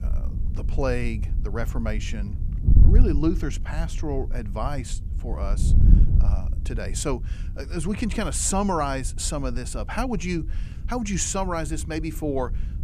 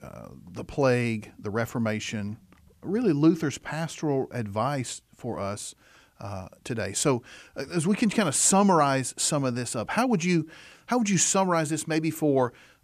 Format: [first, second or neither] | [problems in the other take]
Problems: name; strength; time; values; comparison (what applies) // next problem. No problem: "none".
second | wind noise on the microphone; occasional gusts; 15 dB below the speech